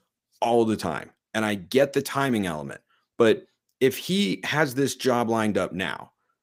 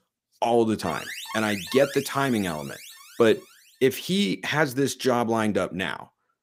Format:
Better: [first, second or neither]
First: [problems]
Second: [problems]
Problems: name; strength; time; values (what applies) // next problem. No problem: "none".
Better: first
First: none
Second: alarm; noticeable; from 1 to 3.5 s; peak 9 dB below the speech